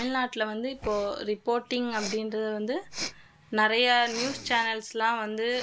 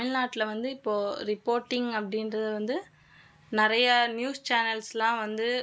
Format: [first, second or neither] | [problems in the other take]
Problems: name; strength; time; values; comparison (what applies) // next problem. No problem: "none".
second | background sound (Respiratory sounds); 14 dB below the speech